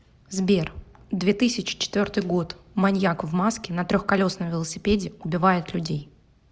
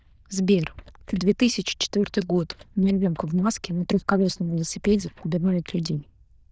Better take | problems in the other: first | noise reduction (neural diffusion model UNIVERSE++)

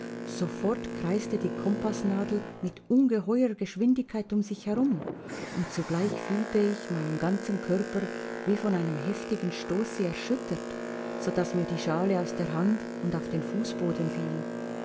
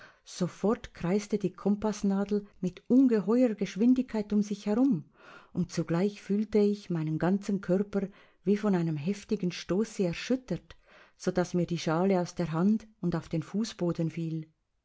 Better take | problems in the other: second | background sound (Boat, Water vehicle); 7 dB below the speech

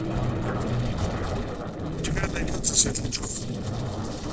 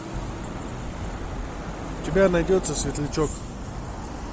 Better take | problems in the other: second | noise reduction (neural separator model SepFormer DNS4)

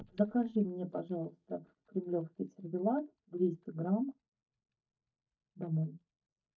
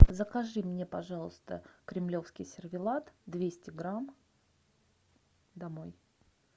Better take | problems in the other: second | noise reduction (neural mask model DeepFilterNet 3)

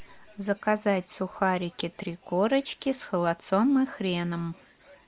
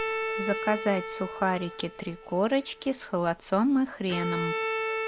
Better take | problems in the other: first | background sound (Bowed string instrument); 5 dB below the speech

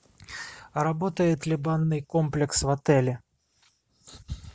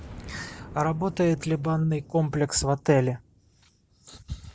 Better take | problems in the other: first | background sound (Boom); 19 dB below the speech

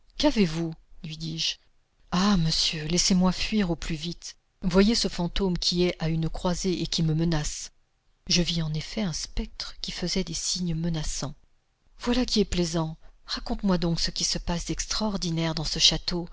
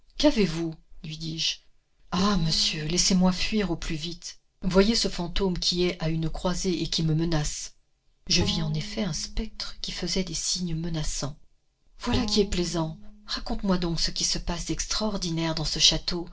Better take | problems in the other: first | noise reduction (neural separator model SepFormer DNS4)

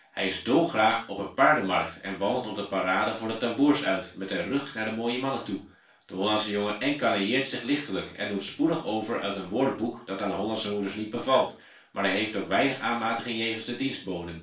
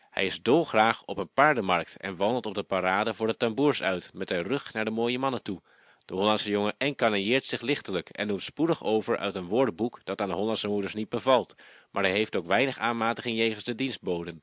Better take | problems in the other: second | room echo; dies away in 0.3 s

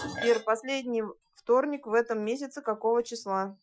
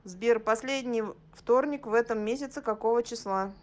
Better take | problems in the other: second | noise reduction (classical method Wiener filter)

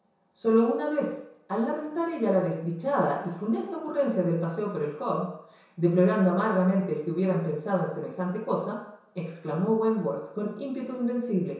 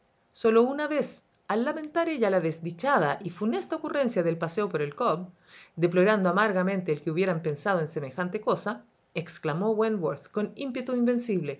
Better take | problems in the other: second | room echo; dies away in 0.7 s

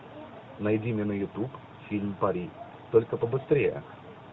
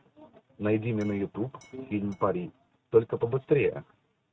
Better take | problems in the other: first | noise reduction (neural mask model RNNoise)

